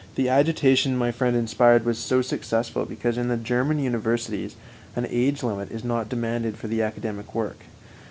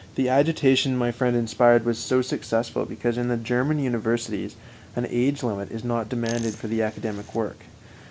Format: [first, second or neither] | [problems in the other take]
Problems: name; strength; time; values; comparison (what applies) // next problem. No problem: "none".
first | background sound (Coin (dropping)); 19 dB below the speech